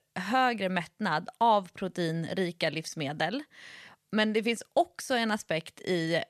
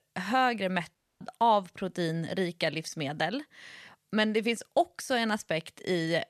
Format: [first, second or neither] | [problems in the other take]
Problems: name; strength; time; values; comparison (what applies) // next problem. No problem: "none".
first | audio cutting out; at 1 s